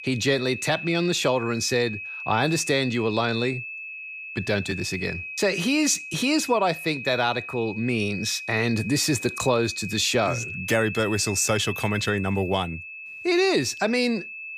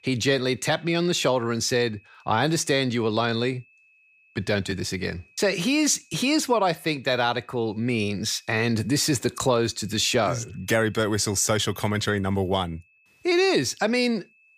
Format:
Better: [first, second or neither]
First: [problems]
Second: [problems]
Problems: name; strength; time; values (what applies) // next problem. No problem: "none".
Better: second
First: high-pitched whine; loud; throughout; 2.5 kHz, 9 dB below the speech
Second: high-pitched whine; faint; throughout; 2.5 kHz, 30 dB below the speech